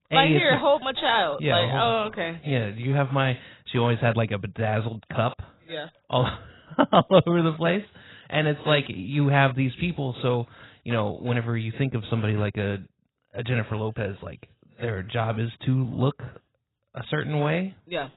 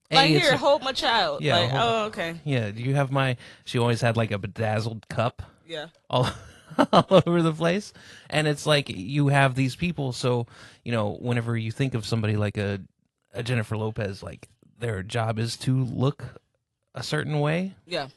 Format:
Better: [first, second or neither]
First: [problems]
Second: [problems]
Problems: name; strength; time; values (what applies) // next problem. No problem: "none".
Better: second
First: garbled, watery; badly; nothing above 4 kHz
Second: garbled, watery; slightly; nothing above 11.5 kHz